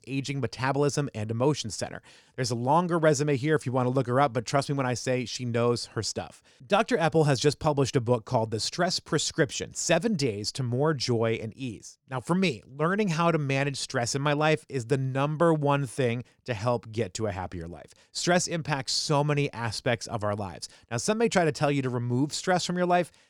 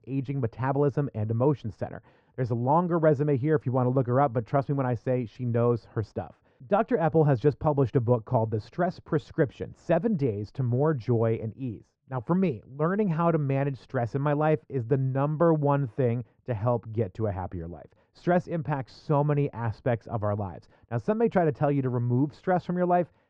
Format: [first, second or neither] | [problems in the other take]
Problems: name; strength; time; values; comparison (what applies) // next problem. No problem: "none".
first | muffled; very; fading above 1 kHz